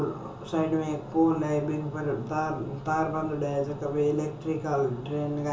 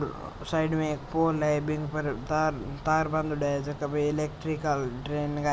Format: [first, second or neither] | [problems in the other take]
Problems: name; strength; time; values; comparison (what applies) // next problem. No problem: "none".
second | room echo; dies away in 0.8 s